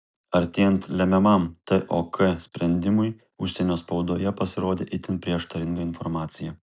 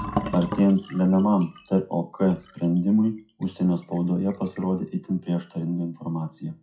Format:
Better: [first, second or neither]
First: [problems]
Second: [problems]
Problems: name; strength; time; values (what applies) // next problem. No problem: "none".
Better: first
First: none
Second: noise reduction (classical method WPE with log-MMSE)